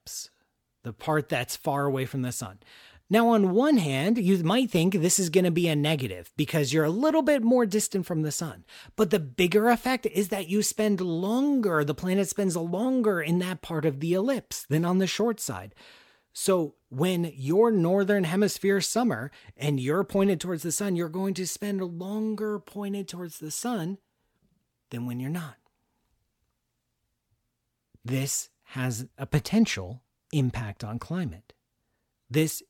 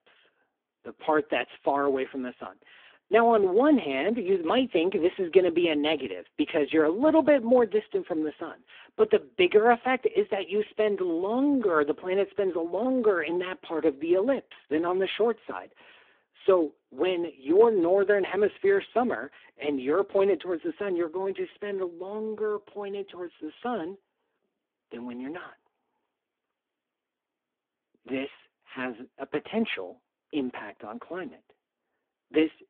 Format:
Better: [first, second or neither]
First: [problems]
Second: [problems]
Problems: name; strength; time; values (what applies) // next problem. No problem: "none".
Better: first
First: none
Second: phone-call audio; poor line